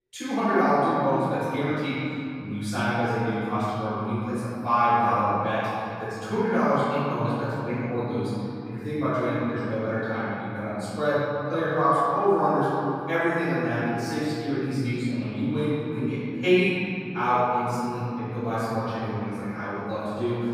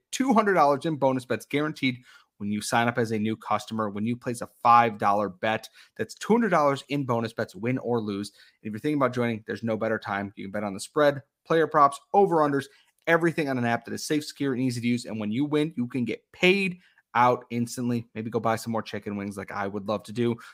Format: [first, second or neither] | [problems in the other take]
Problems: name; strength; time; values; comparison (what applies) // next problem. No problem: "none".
second | off-mic speech; far // room echo; strong; dies away in 3 s